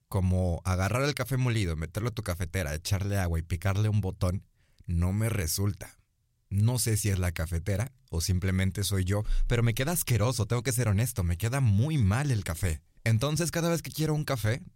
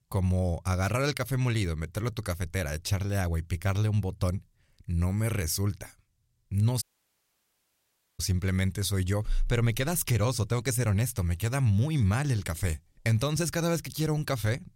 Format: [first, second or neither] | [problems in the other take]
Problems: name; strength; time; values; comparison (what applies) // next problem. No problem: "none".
first | audio cutting out; at 7 s for 1.5 s